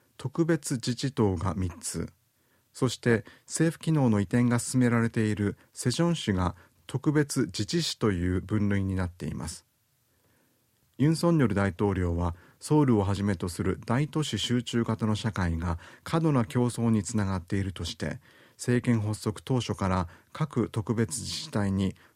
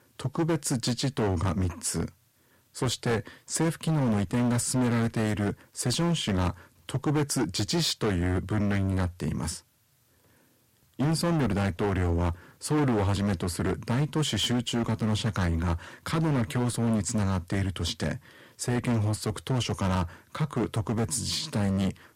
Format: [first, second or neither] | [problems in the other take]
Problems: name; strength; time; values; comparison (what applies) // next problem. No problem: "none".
first | distortion; heavy; 15% of the sound clipped